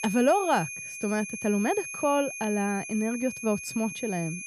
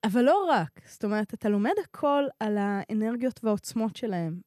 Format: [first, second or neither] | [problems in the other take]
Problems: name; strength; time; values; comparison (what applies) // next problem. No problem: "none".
second | high-pitched whine; loud; throughout; 2.5 kHz, 8 dB below the speech